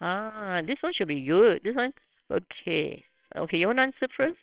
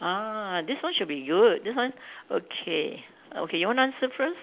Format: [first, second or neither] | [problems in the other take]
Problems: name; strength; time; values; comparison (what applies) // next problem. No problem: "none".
second | noise reduction (neural separator model SepFormer WHAMR!)